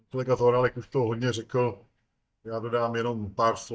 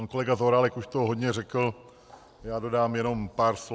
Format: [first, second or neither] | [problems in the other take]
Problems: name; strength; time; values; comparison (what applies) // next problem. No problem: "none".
second | noise reduction (neural mask model DeepFilterNet 3)